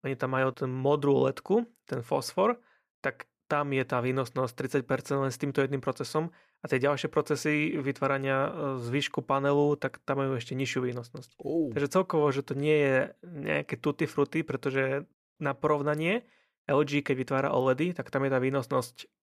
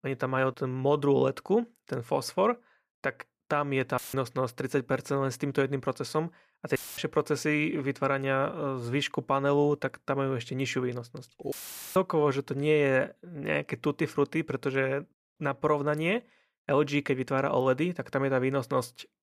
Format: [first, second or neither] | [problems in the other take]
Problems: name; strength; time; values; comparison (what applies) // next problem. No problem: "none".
first | audio cutting out; filled with static; at 4 s, at 7 s and at 12 s